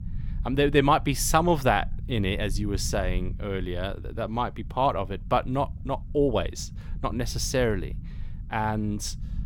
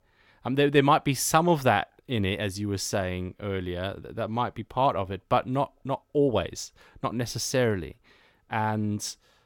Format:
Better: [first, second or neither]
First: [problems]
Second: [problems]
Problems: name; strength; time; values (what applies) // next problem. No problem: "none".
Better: second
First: low rumble; faint; throughout; 25 dB below the speech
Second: none